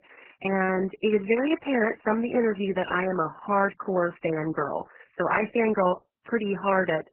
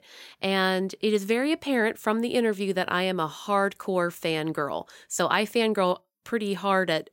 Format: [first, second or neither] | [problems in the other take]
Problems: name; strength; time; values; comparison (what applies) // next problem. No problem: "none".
second | garbled, watery; badly; nothing above 3 kHz